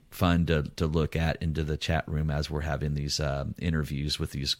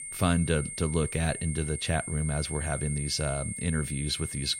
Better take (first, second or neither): first